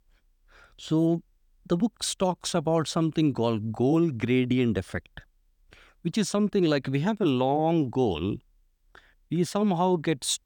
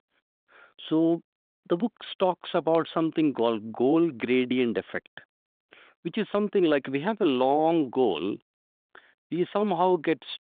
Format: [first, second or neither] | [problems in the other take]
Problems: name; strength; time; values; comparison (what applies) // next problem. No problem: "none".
first | phone-call audio; nothing above 3.5 kHz